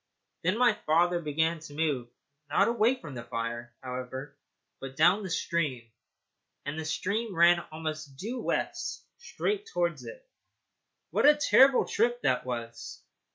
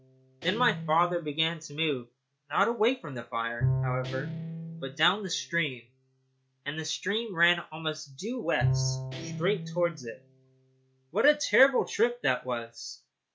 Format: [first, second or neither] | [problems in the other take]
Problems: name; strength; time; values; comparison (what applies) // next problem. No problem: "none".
first | background sound (Guitar + Bowed string instrument); 7 dB below the speech